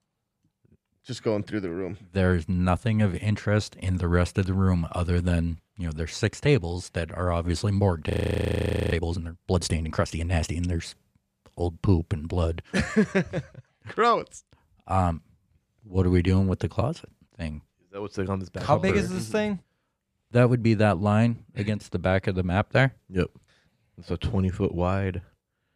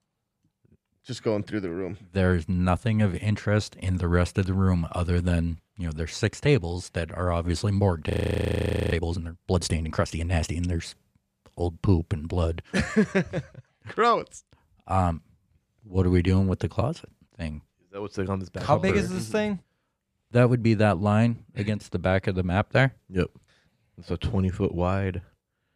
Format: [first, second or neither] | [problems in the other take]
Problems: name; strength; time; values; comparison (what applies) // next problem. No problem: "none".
neither | audio freezing; at 8 s for 1 s; the same in both